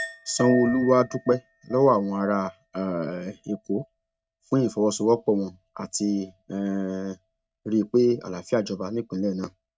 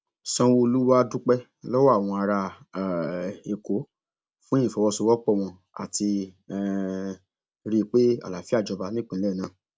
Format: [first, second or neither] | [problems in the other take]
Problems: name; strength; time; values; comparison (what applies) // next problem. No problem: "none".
second | noise reduction (neural mask model RNNoise)